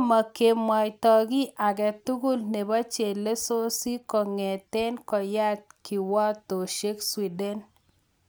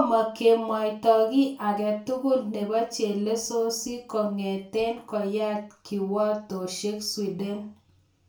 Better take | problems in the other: first | room echo; dies away in 0.3 s

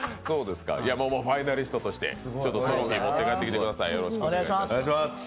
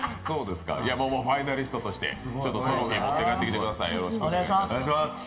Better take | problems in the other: first | room echo; dies away in 1.4 s

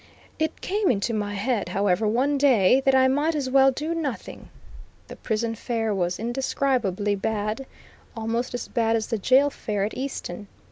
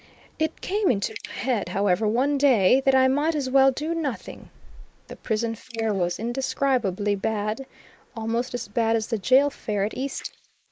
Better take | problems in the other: first | noise reduction (neural mask model Resemble Enhance denoiser)

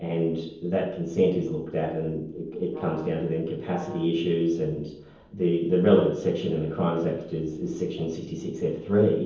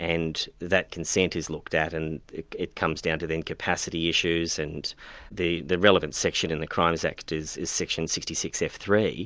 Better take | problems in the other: second | noise reduction (neural separator model SepFormer DNS4)

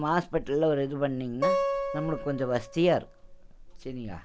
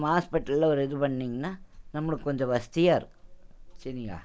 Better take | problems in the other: second | background sound (Acoustic guitar); 3 dB below the speech

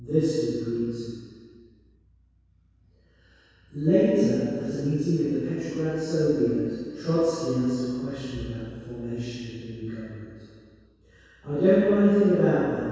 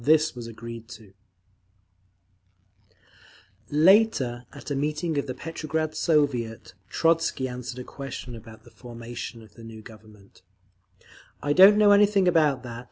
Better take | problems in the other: second | room echo; dies away in 2 s

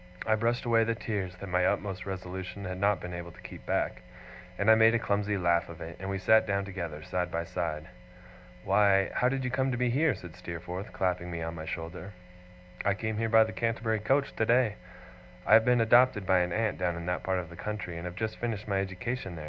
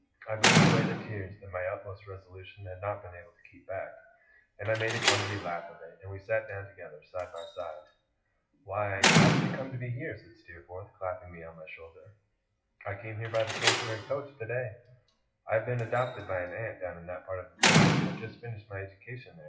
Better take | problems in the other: first | noise reduction (classical method WPE with log-MMSE)

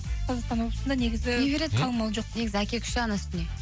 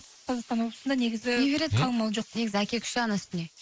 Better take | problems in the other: first | noise reduction (neural mask model Resemble Enhance denoiser)

